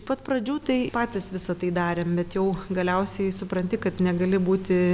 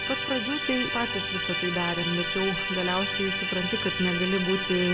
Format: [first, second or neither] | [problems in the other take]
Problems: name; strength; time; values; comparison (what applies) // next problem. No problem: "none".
first | background sound (Musical instrument); 1 dB below the speech